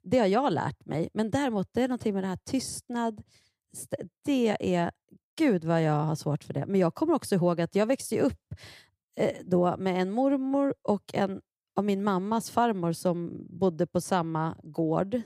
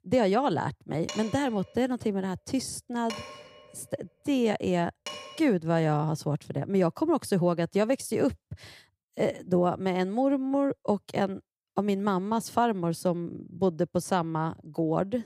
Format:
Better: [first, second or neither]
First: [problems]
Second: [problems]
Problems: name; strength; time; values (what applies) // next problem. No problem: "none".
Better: first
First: none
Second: clattering dishes; faint; from 1 to 5.5 s; peak 10 dB below the speech